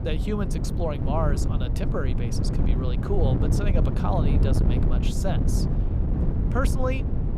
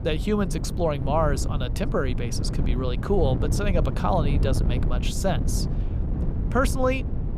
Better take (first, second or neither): second